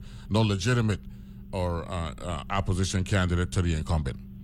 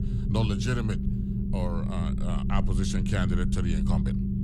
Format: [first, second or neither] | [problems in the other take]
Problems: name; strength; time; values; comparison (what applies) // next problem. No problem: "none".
first | low rumble; loud; throughout; 3 dB below the speech; faint in the first